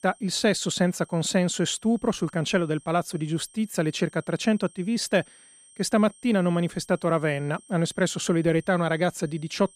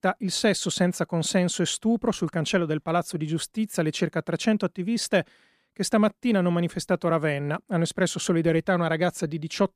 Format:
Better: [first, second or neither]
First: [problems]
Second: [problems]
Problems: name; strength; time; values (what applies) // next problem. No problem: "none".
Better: second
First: high-pitched whine; faint; throughout; 8.5 kHz, 25 dB below the speech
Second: none